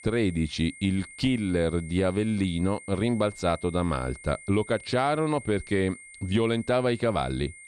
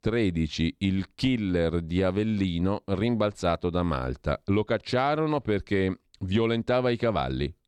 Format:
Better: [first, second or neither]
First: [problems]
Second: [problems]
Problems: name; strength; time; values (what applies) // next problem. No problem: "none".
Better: second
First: high-pitched whine; noticeable; throughout; 2 kHz, 20 dB below the speech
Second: none